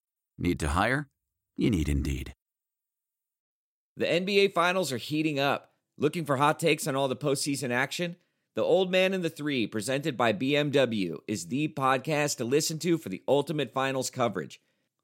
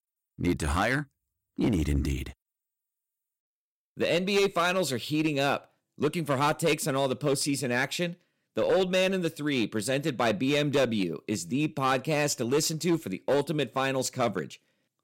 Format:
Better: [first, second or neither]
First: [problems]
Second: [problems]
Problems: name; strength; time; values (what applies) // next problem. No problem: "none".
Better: first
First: none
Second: distortion; slight; 6% of the sound clipped